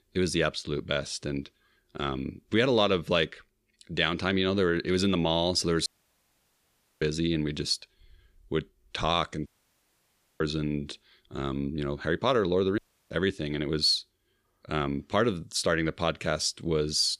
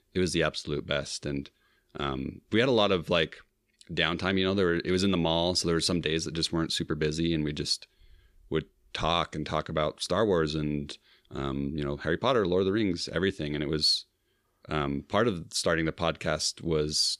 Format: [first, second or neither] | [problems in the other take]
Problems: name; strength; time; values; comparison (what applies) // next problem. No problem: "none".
second | audio cutting out; at 6 s for 1 s, at 9.5 s for 1 s and at 13 s